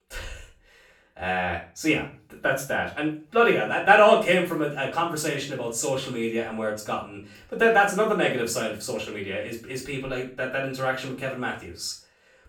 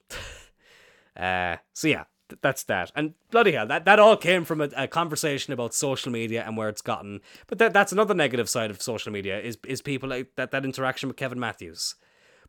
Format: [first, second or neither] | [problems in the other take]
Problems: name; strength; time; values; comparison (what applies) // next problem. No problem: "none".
second | room echo; slight; dies away in 0.3 s // off-mic speech; far